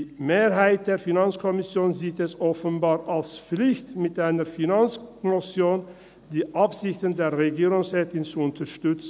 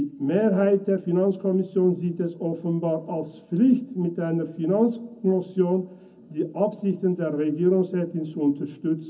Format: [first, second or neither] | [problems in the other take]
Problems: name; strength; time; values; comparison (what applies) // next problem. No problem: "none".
first | room echo; dies away in 0.4 s